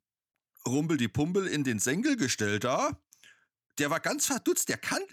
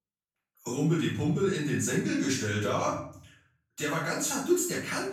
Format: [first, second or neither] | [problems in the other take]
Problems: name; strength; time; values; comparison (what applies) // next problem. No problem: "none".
first | off-mic speech; far // room echo; noticeable; dies away in 0.5 s